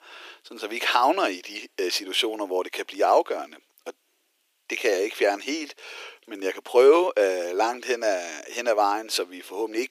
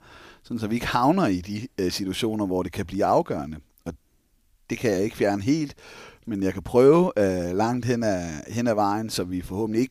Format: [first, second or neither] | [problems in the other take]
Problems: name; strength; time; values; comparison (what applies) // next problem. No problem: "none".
second | thin; very; fading below 350 Hz